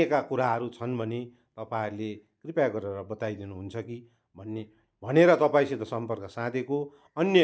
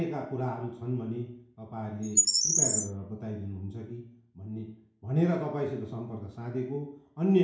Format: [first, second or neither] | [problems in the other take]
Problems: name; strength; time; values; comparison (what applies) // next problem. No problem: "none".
first | background sound (Bird); 4 dB above the speech // room echo; dies away in 0.6 s